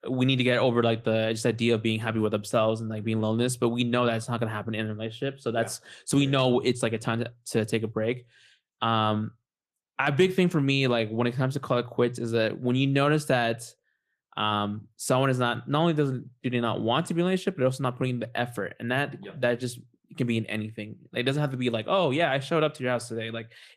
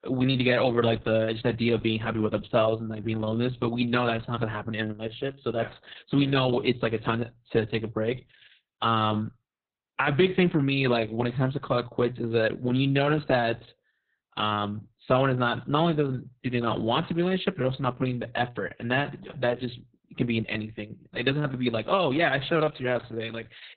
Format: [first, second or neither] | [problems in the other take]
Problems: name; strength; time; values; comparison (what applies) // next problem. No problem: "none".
first | garbled, watery; badly; nothing above 4 kHz; slightly in the first